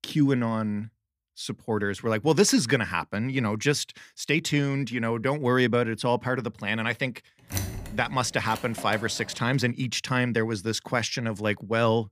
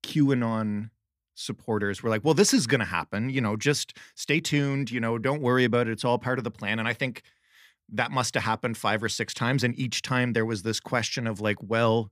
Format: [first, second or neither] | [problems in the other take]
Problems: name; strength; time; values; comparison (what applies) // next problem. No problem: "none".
second | door banging; noticeable; from 7.5 to 9 s; peak 6 dB below the speech